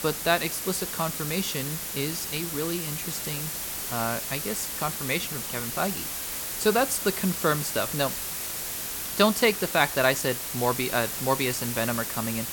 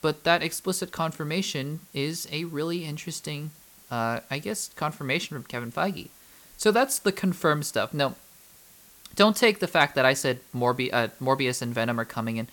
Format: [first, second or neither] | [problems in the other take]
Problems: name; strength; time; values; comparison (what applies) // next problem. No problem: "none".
second | hiss; loud; throughout; 3 dB below the speech; faint in the second